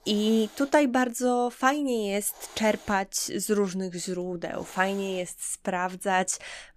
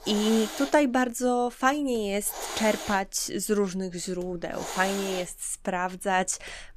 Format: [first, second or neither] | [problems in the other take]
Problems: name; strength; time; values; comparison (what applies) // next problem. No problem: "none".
first | hiss; loud; throughout; 9 dB below the speech; faint in the first